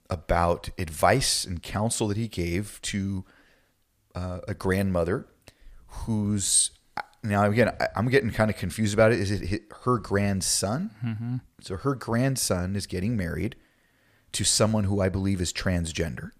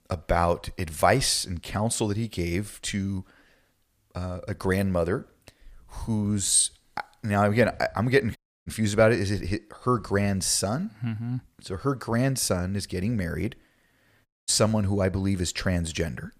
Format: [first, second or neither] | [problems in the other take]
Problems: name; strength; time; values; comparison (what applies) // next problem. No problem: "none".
first | audio cutting out; at 8.5 s and at 14 s